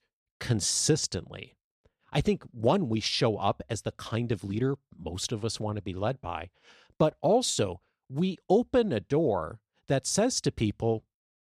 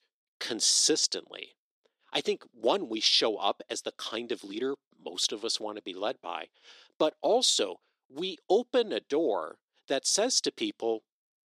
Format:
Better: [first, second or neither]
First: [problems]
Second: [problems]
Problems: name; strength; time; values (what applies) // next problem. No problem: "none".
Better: first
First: none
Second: thin; somewhat; fading below 300 Hz